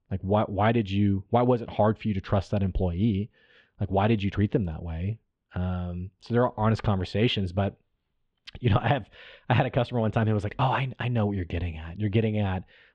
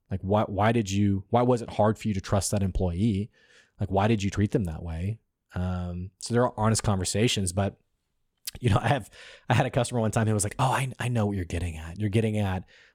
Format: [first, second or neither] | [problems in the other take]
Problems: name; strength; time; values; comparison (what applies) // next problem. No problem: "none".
second | muffled; very; fading above 3.5 kHz